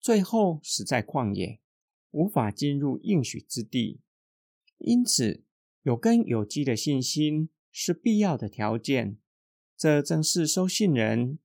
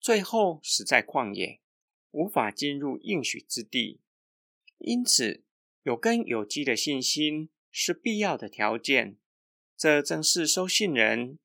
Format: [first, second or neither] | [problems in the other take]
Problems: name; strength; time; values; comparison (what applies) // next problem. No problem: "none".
first | thin; somewhat; fading below 350 Hz